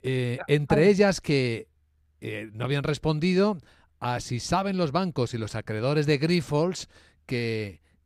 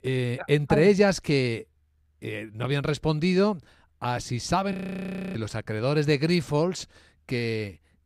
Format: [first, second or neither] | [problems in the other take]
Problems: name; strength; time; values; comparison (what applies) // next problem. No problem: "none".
first | audio freezing; at 4.5 s for 0.5 s